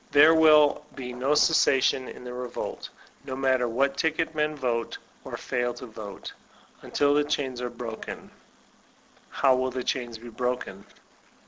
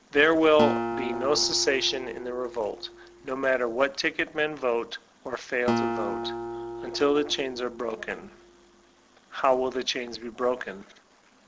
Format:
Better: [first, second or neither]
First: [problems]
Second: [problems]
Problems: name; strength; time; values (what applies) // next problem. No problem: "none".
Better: first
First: none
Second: background sound (Acoustic guitar); 7 dB below the speech